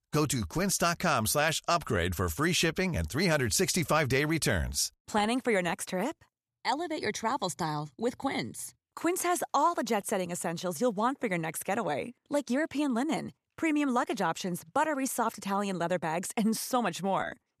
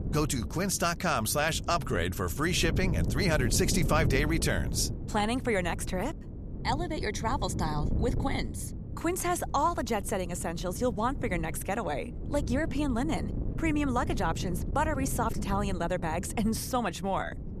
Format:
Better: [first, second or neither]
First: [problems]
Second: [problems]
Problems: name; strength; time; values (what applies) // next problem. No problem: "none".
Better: first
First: none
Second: wind noise on the microphone; occasional gusts; 15 dB below the speech